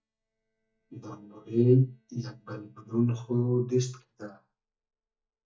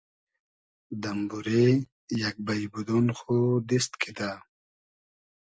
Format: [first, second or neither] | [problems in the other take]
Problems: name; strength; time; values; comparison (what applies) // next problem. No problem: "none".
second | noise reduction (neural mask model DeepFilterNet 3)